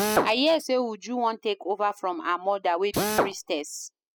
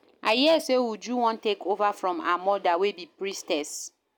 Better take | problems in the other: second | noise reduction (classical method spectral subtraction)

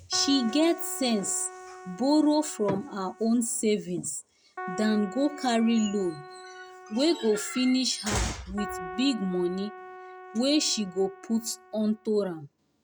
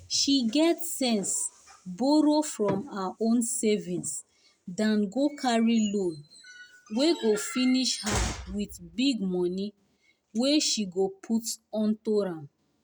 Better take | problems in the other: second | background sound (Keyboard (musical)); 15 dB below the speech

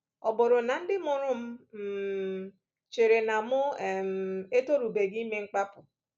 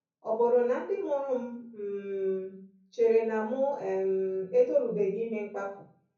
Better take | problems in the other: first | room echo; dies away in 0.6 s

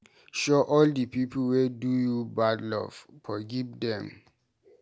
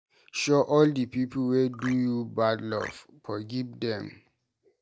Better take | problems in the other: first | noise reduction (neural mask model DeepFilterNet 3)

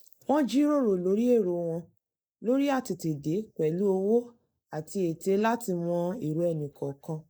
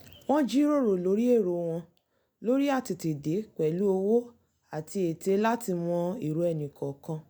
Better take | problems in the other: second | noise reduction (neural mask model Resemble Enhance denoiser)

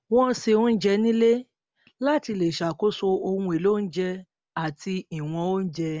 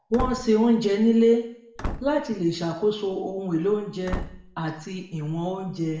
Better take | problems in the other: first | background sound (Slam / Wood); 12 dB below the speech // room echo; dies away in 0.7 s

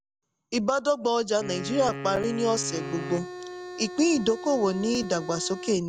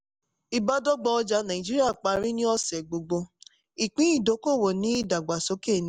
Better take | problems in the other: second | background sound (Wind instrument, woodwind instrument + Organ); 10 dB below the speech

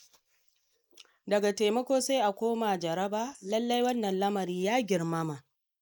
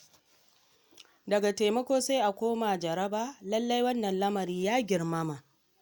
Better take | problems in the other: second | noise reduction (neural mask model Resemble Enhance denoiser)

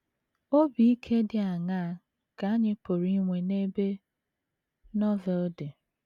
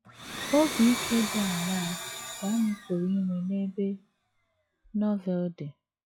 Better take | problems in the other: first | noise reduction (classical method log-MMSE)

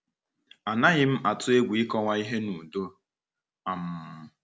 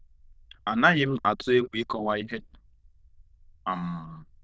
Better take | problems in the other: first | noise reduction (neural diffusion model UNIVERSE++)

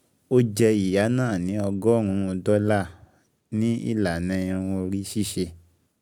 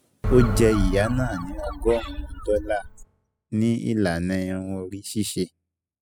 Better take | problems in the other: first | noise reduction (classical method spectral subtraction)

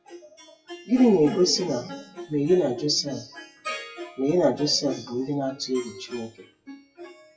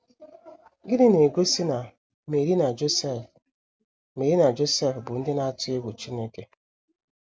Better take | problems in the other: second | noise reduction (classical method WPE with log-MMSE)

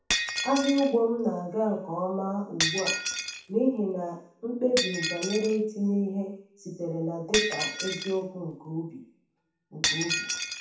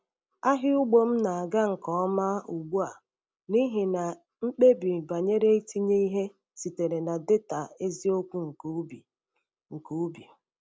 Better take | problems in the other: second | background sound (Shatter); 5 dB below the speech // room echo; dies away in 0.7 s

